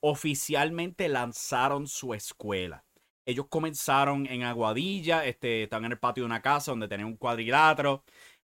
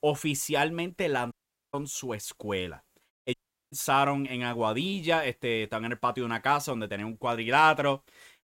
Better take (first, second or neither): first